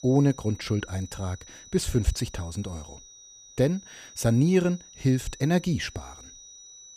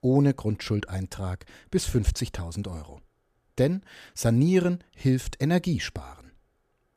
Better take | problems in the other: second | high-pitched whine; noticeable; throughout; 6 kHz, 20 dB below the speech

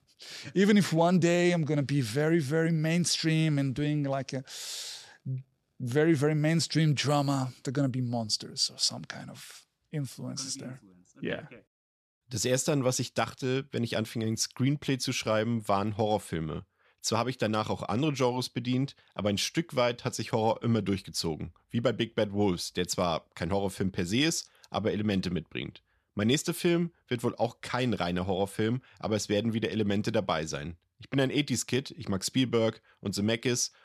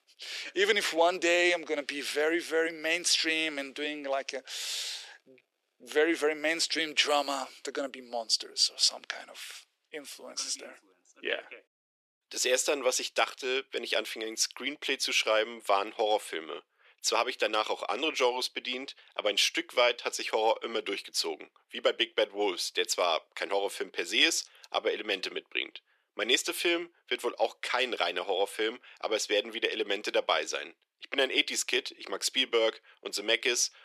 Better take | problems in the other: first | thin; very; fading below 350 Hz

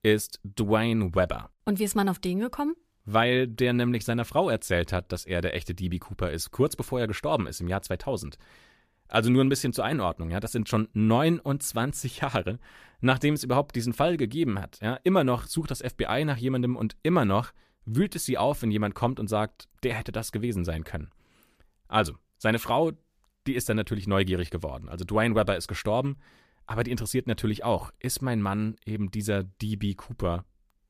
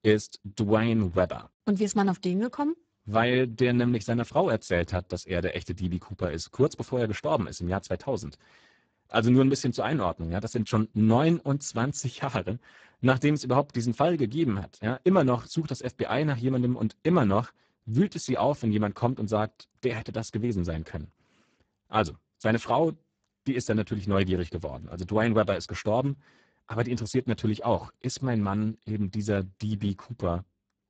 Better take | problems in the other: first | garbled, watery; badly; nothing above 7.5 kHz

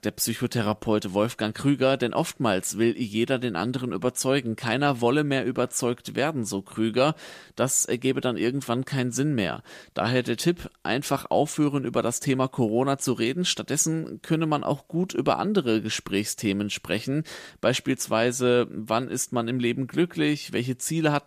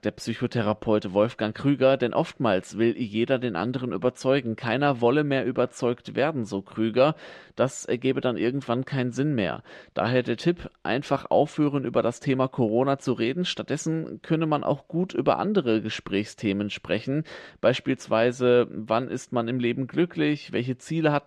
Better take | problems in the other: first | muffled; slightly; fading above 3.5 kHz

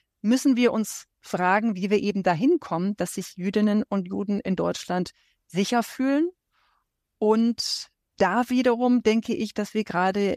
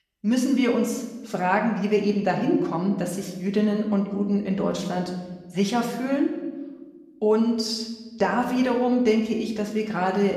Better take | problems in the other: first | room echo; slight; dies away in 1.1 s // off-mic speech; somewhat distant

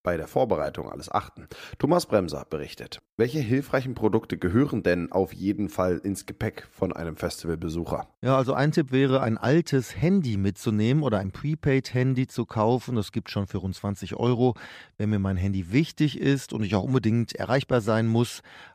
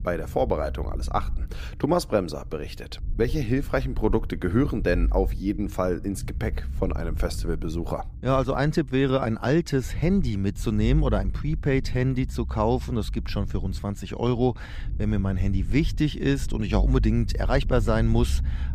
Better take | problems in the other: first | low rumble; faint; throughout; 20 dB below the speech

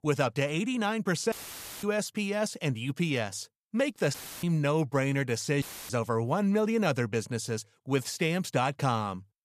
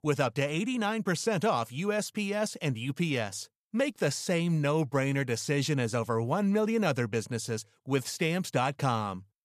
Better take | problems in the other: second | audio cutting out; filled with static; at 1.5 s for 0.5 s, at 4 s and at 5.5 s

